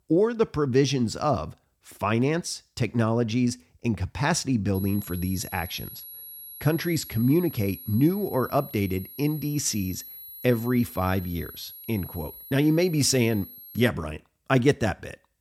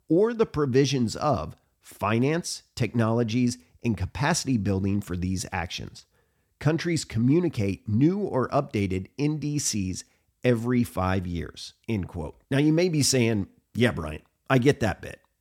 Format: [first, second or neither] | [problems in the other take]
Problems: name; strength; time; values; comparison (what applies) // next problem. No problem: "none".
second | high-pitched whine; noticeable; from 5 to 14 s; 11.5 kHz, 15 dB below the speech